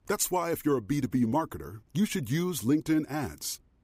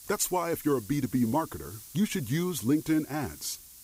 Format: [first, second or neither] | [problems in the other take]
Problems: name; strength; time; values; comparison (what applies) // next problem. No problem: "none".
first | hiss; noticeable; throughout; 15 dB below the speech